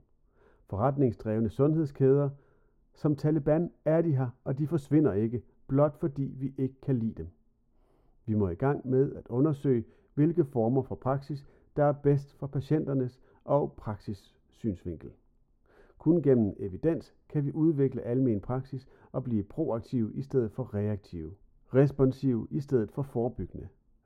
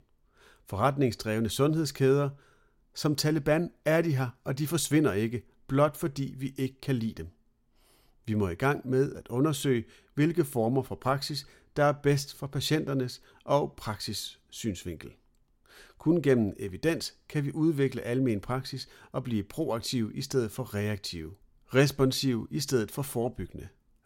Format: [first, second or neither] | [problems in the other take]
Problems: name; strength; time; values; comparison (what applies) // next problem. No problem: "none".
second | muffled; very; fading above 1.5 kHz